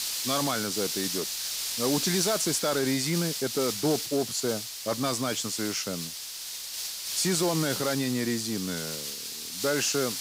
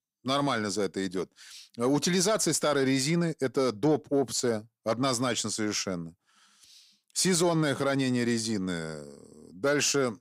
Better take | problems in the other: second | hiss; loud; throughout; 3 dB below the speech

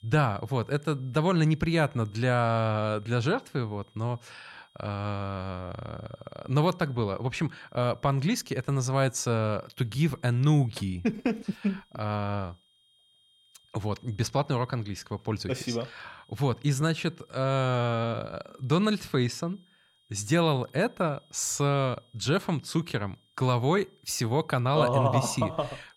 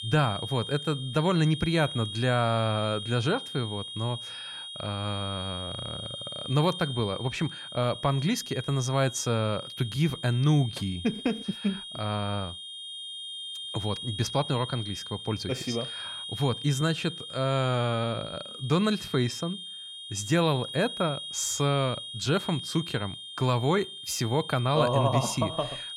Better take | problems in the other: first | high-pitched whine; loud; throughout; 3.5 kHz, 8 dB below the speech; faint in the first

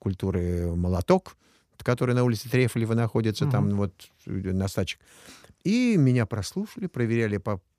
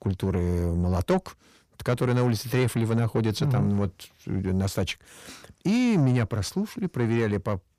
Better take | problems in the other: first | distortion; slight; 10 dB below the speech

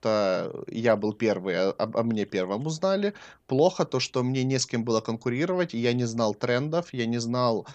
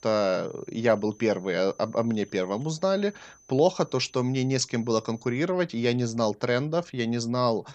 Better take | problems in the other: first | high-pitched whine; faint; until 5.5 s; 6 kHz, 30 dB below the speech

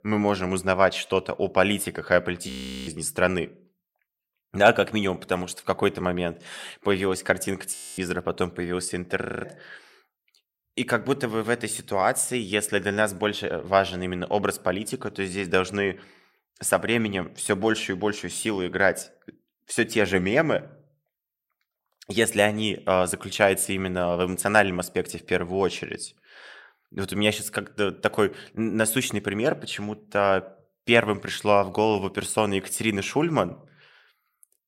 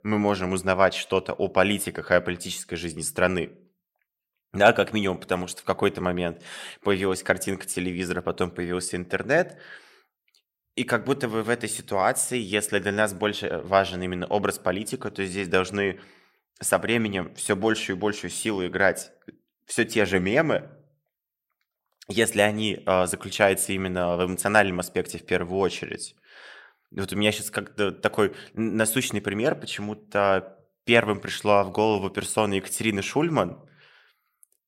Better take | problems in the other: second | audio freezing; at 2.5 s, at 8 s and at 9 s

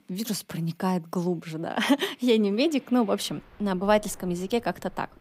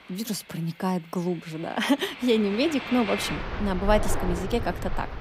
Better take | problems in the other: first | train or aircraft noise; loud; throughout; 7 dB below the speech; faint in the first

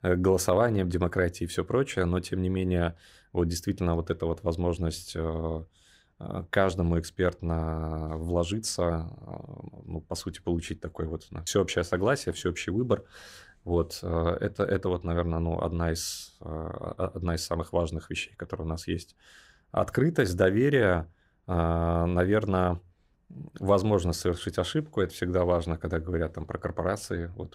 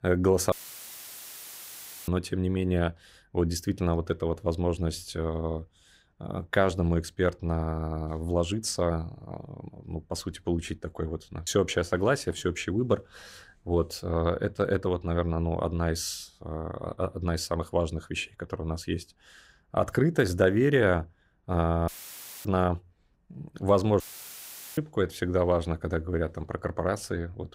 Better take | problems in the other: first | audio cutting out; filled with static; at 0.5 s for 1.5 s, at 22 s for 0.5 s and at 24 s for 1 s

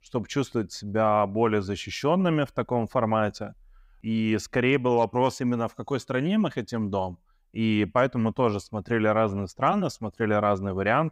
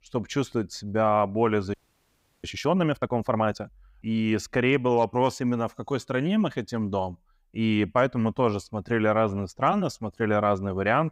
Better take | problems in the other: first | audio freezing; at 1.5 s for 0.5 s

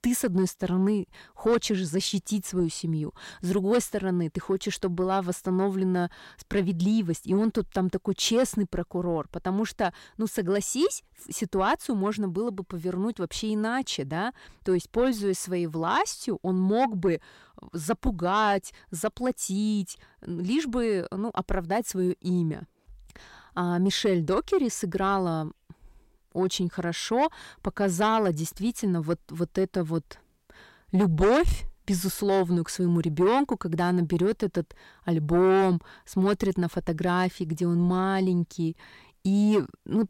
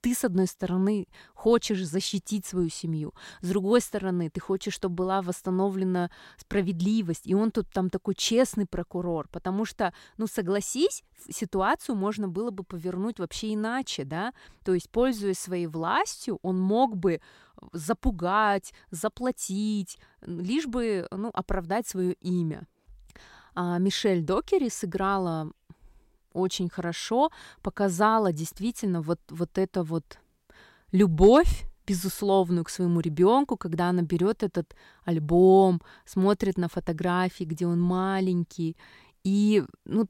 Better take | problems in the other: second | distortion; slight; 10 dB below the speech

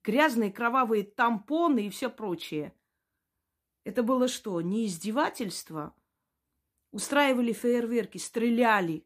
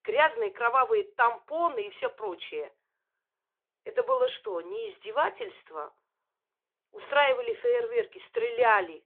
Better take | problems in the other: first | phone-call audio; nothing above 3.5 kHz

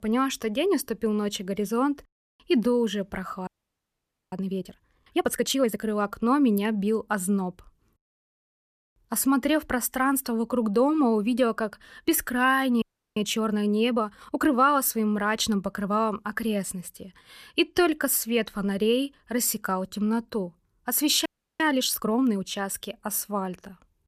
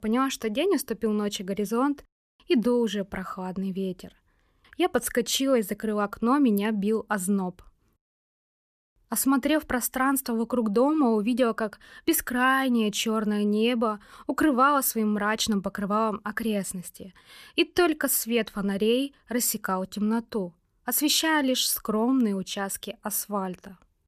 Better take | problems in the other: second | audio freezing; at 3.5 s for 1 s, at 13 s and at 21 s

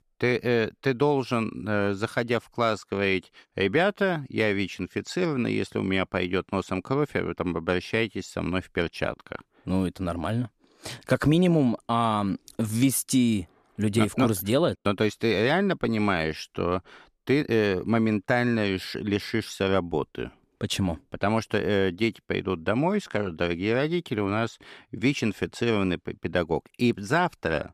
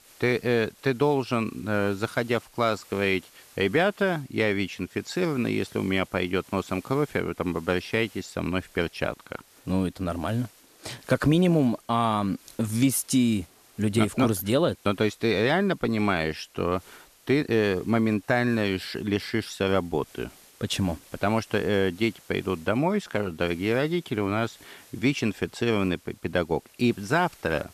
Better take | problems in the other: first | hiss; faint; throughout; 25 dB below the speech

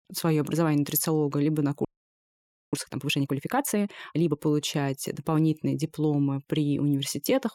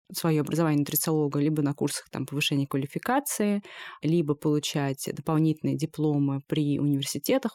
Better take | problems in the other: second | audio freezing; at 2 s for 1 s

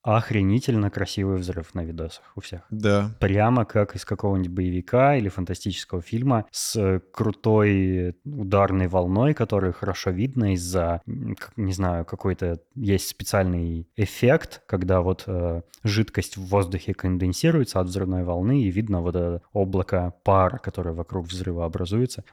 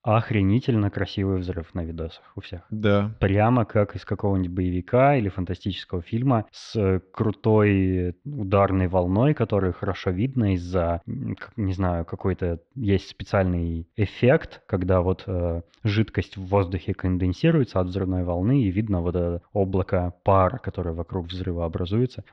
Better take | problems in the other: first | muffled; slightly; fading above 3.5 kHz

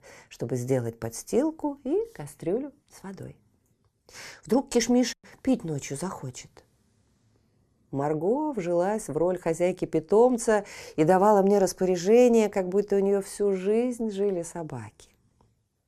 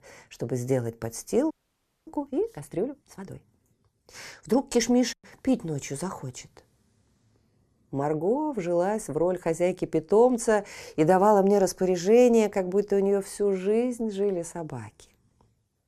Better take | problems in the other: first | audio freezing; at 1.5 s for 0.5 s

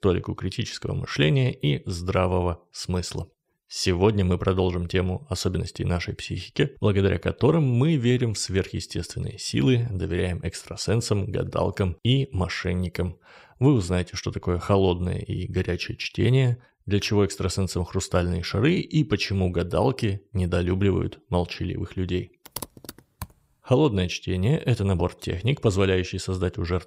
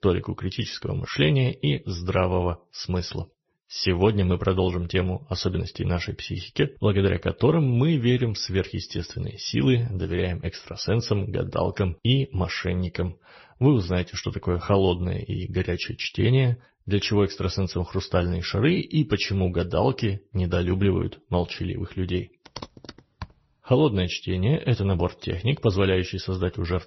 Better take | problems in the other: first | garbled, watery; slightly; nothing above 6 kHz

